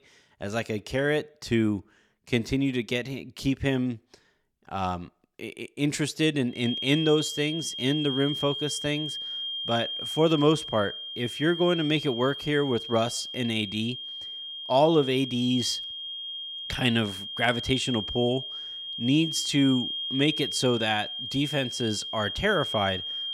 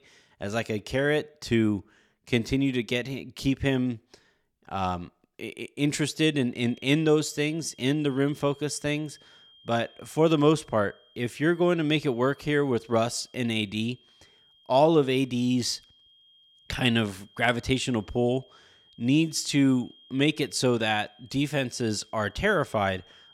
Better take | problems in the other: second | high-pitched whine; loud; from 6.5 s on; 3 kHz, 5 dB below the speech; faint in the second

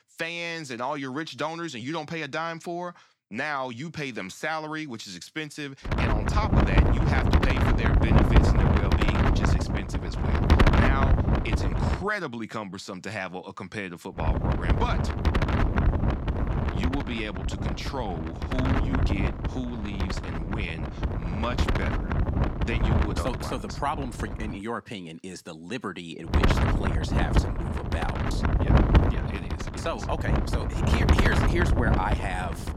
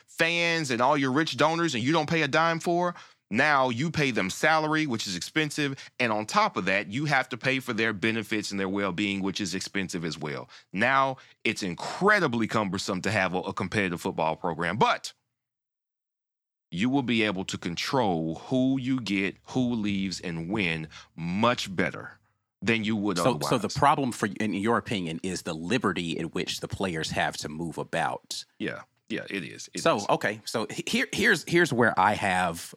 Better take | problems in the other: second | wind noise on the microphone; heavy; from 6 to 12 s, from 14 to 25 s and from 26 s on; 2 dB above the speech

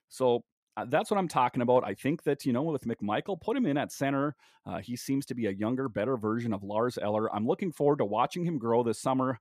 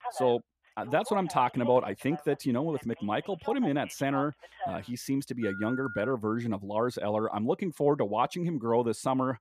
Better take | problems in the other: first | phone ringing; noticeable; until 6 s; peak 8 dB below the speech

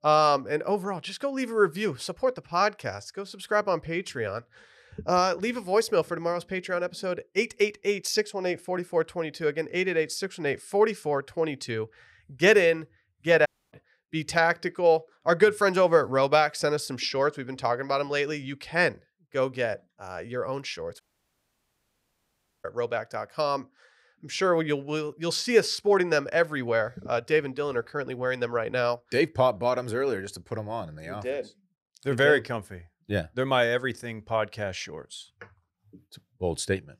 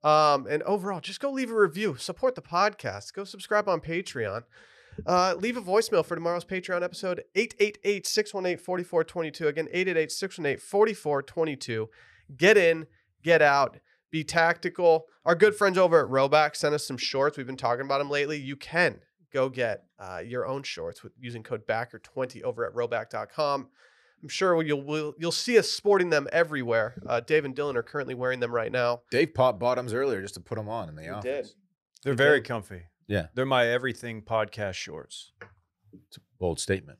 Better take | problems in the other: second | audio cutting out; at 13 s and at 21 s for 1.5 s

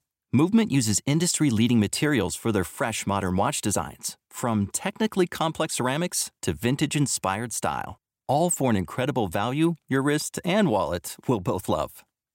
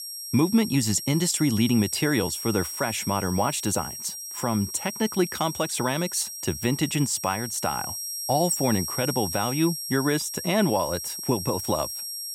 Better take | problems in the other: first | high-pitched whine; loud; throughout; 5.5 kHz, 6 dB below the speech

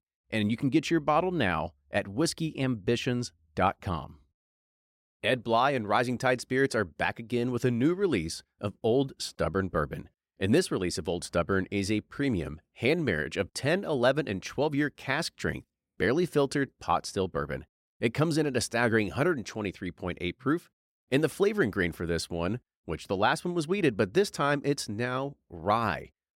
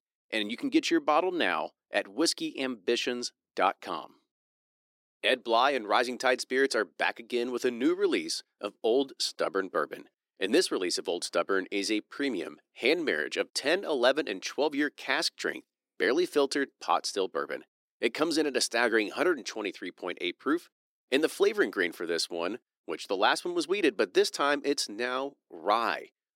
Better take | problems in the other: first | thin; very slightly; fading below 300 Hz

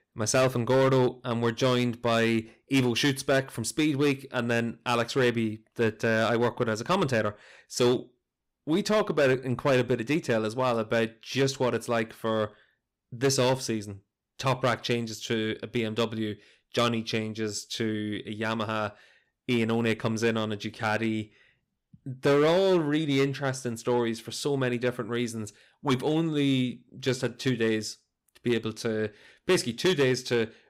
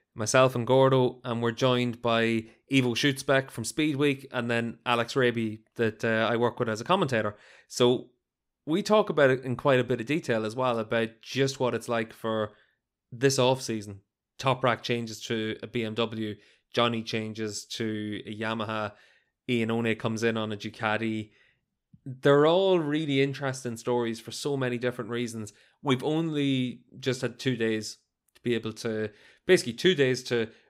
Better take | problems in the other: second | distortion; slight; 5% of the sound clipped

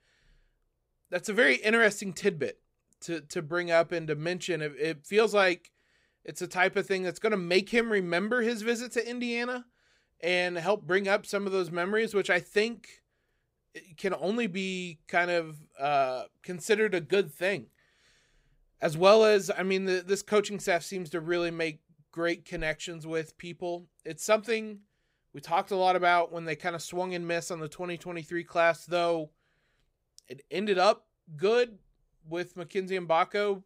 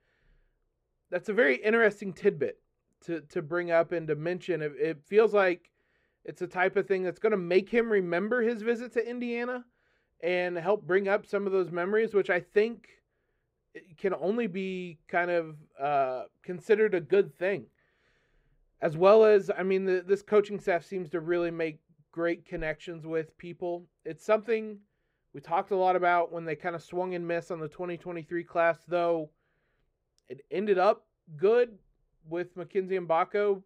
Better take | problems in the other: first | muffled; slightly; fading above 3.5 kHz

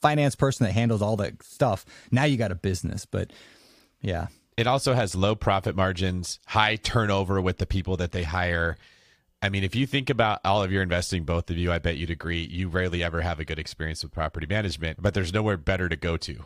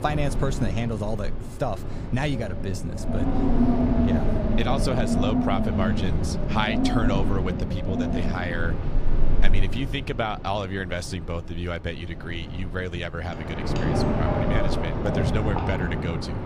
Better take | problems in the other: first | wind in the background; very loud; throughout; 3 dB above the speech

